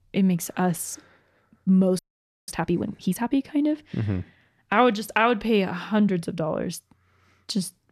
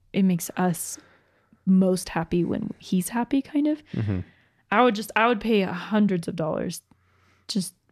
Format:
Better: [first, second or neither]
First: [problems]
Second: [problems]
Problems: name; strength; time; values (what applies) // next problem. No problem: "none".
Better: second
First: audio freezing; at 2 s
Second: none